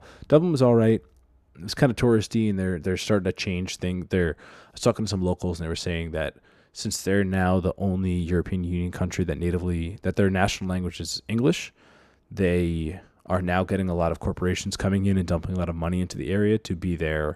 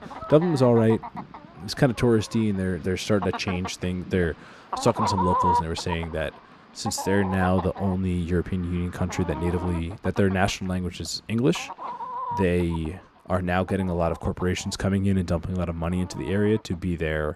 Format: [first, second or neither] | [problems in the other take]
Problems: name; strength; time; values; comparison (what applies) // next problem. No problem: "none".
first | animal sounds; loud; throughout; 7 dB below the speech